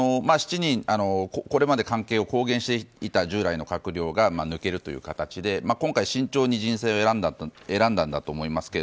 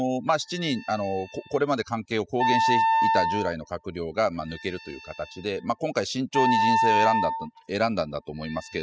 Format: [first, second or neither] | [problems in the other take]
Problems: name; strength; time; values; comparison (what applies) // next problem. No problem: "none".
first | noise reduction (classical method spectral subtraction)